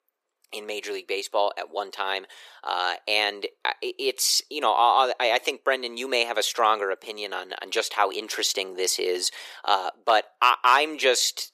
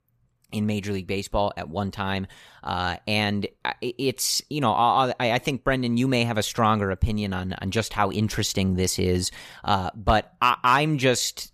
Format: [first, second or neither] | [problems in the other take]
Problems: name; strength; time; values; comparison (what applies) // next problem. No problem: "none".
second | thin; very; fading below 350 Hz